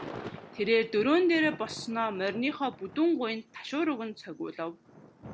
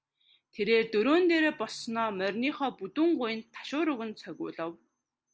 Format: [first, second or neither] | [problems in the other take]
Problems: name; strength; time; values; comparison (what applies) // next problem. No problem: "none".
second | background sound (Thunder / Rain); 17 dB below the speech